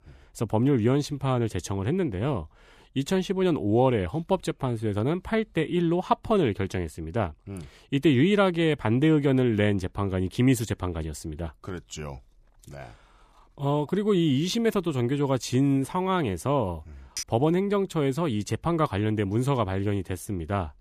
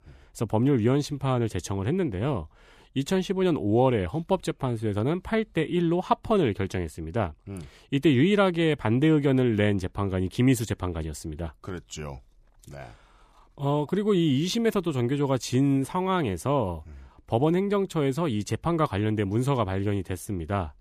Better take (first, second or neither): second